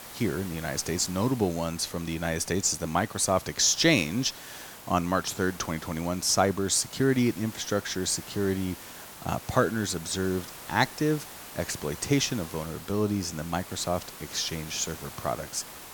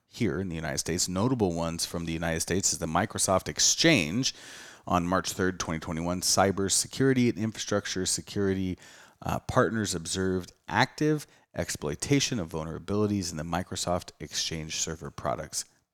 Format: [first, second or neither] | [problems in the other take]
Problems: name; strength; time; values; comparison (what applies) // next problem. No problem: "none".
second | hiss; noticeable; throughout; 15 dB below the speech